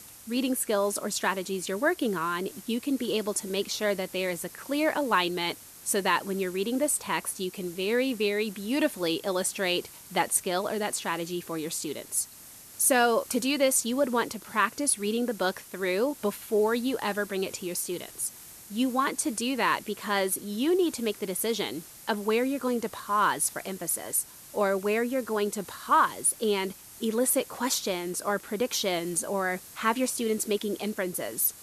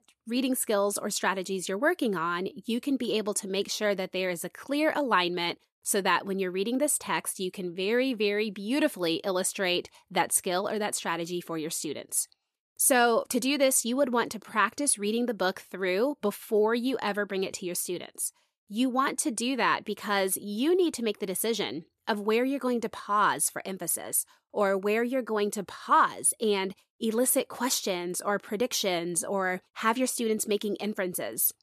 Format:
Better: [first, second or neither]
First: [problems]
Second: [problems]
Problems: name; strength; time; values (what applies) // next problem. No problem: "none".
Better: second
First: hiss; noticeable; throughout; 15 dB below the speech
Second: none